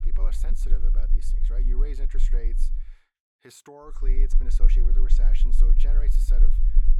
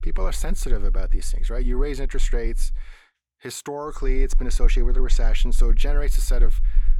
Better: second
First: low rumble; loud; until 3 s and from 4 s on; 6 dB below the speech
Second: low rumble; faint; until 3 s and from 4 s on; 20 dB below the speech

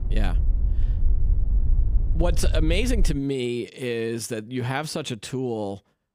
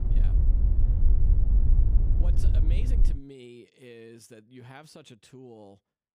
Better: first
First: wind noise on the microphone; occasional gusts; until 3 s; 15 dB below the speech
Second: wind noise on the microphone; heavy; until 3 s; 3 dB above the speech

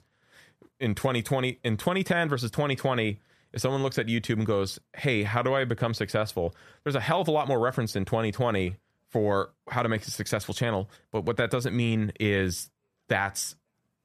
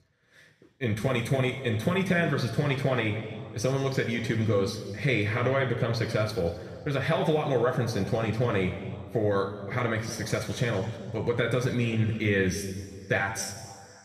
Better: first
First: none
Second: room echo; noticeable; dies away in 1.9 s // off-mic speech; somewhat distant

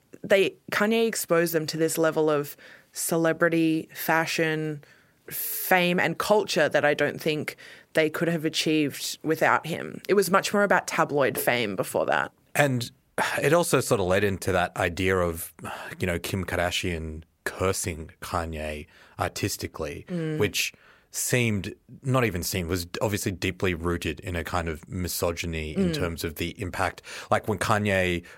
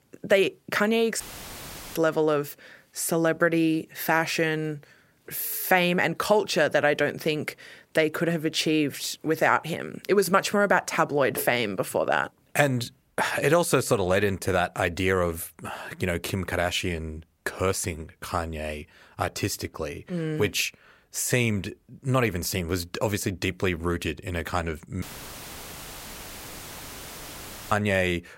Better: first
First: none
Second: audio cutting out; filled with static; at 1 s for 1 s and at 25 s for 2.5 s

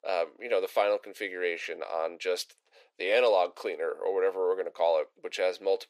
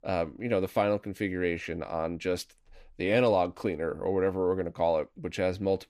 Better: second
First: thin; very; fading below 450 Hz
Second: none

